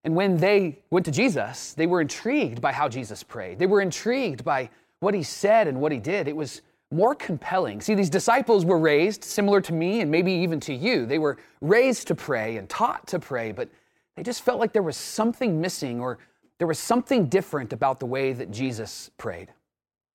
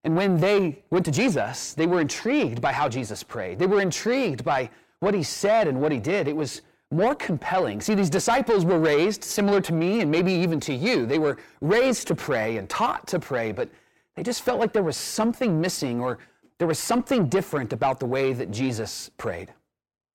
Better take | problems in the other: first | distortion; slight; 10 dB below the speech

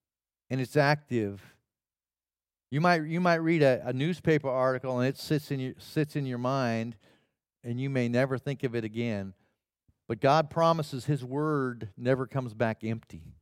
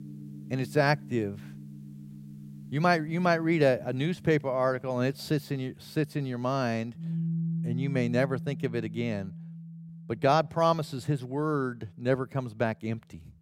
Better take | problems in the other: first | background music; noticeable; throughout; 10 dB below the speech

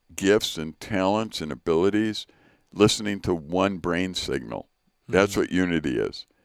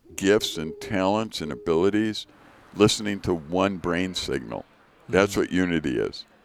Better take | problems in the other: first | animal sounds; faint; throughout; 20 dB below the speech

